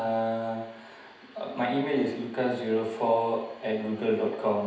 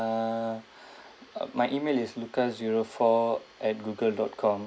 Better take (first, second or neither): second